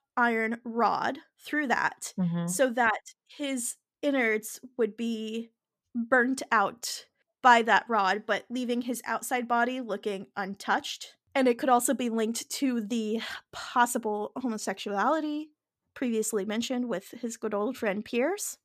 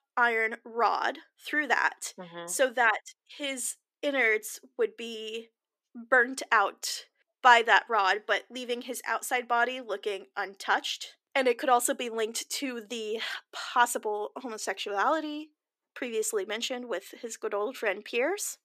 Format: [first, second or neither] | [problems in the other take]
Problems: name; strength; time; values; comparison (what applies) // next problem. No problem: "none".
first | thin; somewhat; fading below 350 Hz